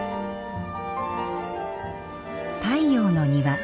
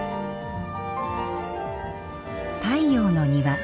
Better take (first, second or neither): first